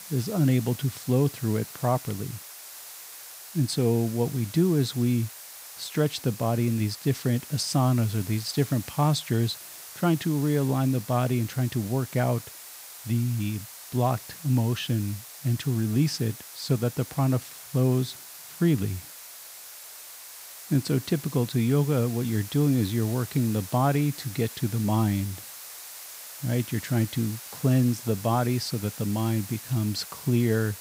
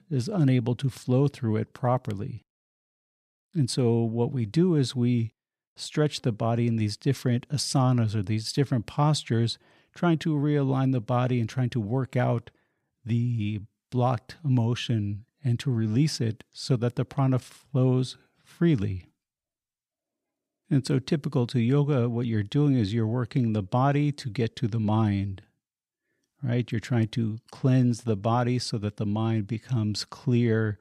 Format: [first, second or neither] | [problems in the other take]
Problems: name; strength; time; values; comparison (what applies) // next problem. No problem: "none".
second | hiss; noticeable; throughout; 15 dB below the speech